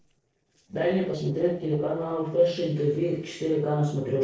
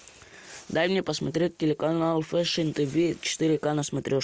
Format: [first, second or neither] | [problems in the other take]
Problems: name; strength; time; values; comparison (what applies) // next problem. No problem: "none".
second | noise reduction (neural separator model SepFormer DNS4)